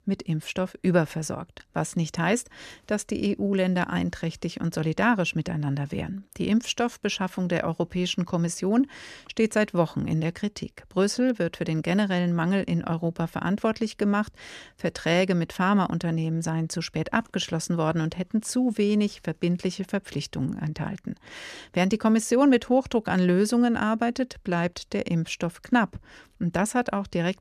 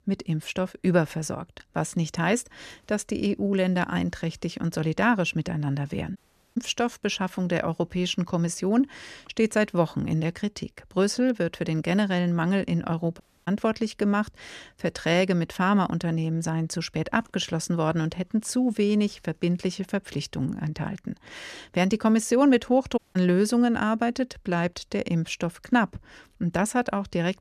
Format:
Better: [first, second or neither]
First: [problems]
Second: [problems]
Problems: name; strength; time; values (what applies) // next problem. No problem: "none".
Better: first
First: none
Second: audio cutting out; at 6 s, at 13 s and at 23 s